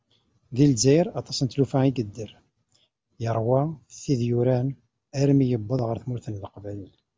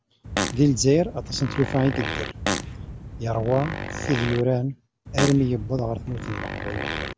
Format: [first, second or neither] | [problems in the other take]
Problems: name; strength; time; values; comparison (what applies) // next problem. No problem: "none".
first | background sound (Fart); 6 dB below the speech